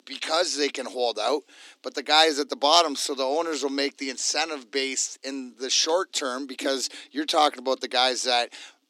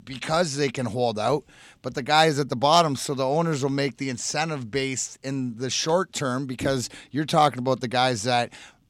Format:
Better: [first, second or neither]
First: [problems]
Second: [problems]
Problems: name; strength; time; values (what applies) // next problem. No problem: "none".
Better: second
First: thin; very slightly; fading below 300 Hz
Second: none